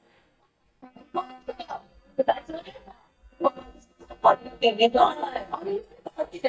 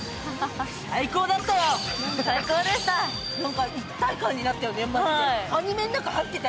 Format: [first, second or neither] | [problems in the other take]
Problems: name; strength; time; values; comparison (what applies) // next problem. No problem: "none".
second | noise reduction (neural mask model DeepFilterNet 3)